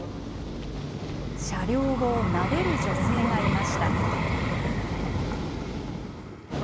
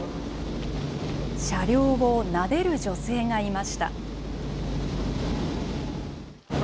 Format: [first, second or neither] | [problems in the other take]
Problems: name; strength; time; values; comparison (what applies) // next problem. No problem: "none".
second | background sound (Vehicle); 1 dB above the speech